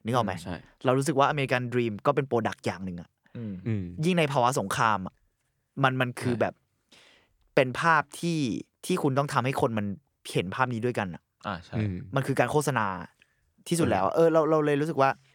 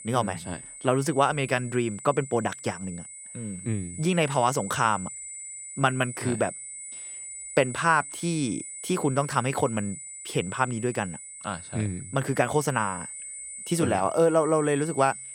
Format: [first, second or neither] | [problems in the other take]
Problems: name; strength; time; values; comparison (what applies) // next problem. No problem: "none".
first | high-pitched whine; noticeable; throughout; 8 kHz, 10 dB below the speech